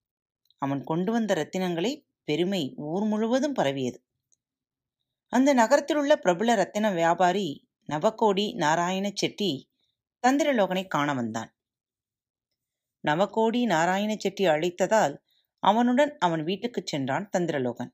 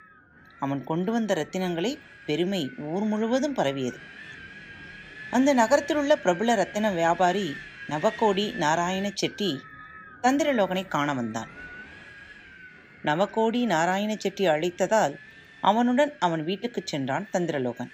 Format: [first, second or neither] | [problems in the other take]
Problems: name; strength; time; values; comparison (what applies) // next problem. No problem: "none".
first | wind noise on the microphone; occasional gusts; 15 dB below the speech